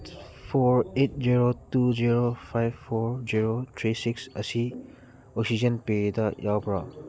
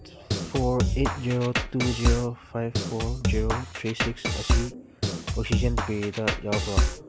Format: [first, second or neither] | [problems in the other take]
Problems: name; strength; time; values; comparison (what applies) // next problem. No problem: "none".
first | background sound (Drum kit); 3 dB above the speech